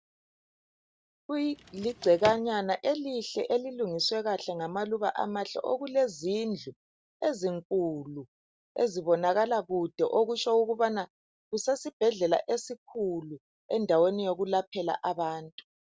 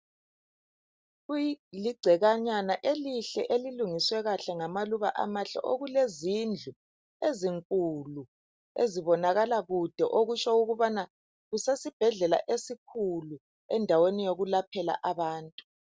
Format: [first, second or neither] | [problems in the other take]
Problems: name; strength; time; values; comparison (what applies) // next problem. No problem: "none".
second | background sound (Drawer open or close); 11 dB below the speech